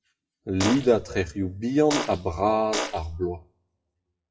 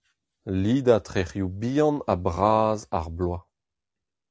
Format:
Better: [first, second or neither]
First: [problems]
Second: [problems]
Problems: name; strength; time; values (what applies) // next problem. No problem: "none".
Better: second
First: noise reduction (classical method WPE with log-MMSE)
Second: none